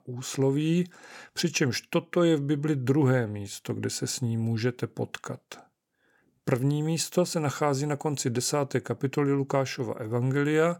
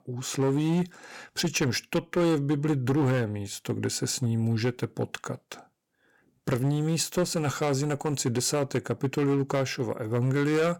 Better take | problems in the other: first | distortion; slight; 9% of the sound clipped

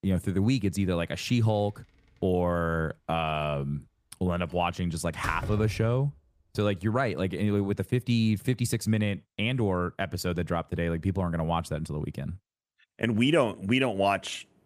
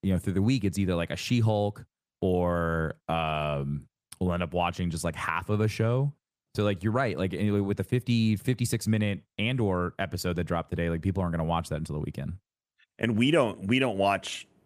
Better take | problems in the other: second | door banging; noticeable; at 5 s; peak 8 dB below the speech

